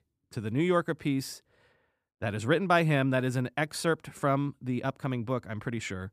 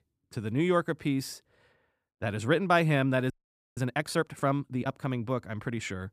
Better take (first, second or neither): first